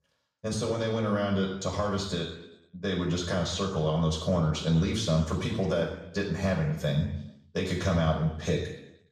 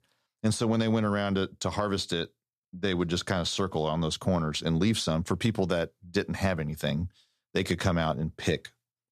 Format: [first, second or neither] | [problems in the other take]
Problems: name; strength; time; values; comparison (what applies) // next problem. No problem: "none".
second | room echo; noticeable; dies away in 0.7 s // off-mic speech; far